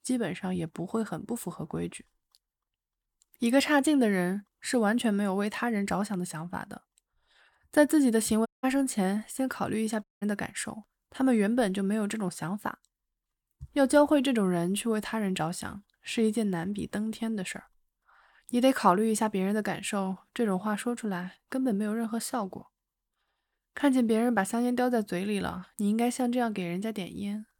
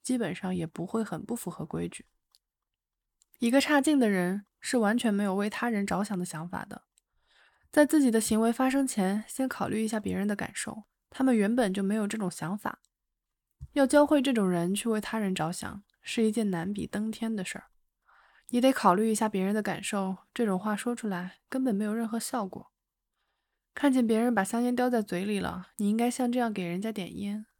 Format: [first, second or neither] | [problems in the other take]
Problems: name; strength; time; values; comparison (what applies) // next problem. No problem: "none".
second | audio cutting out; at 8.5 s and at 10 s